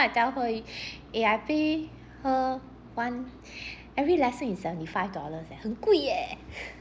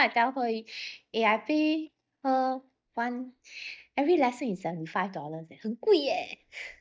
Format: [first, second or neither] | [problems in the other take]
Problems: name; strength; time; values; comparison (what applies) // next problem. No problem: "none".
first | noise reduction (neural mask model DeepFilterNet 3)